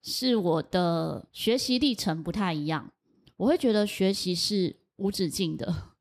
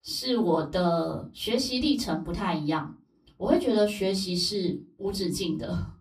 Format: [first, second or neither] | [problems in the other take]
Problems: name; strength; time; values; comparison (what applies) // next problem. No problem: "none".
first | off-mic speech; far // room echo; very slight; dies away in 0.2 s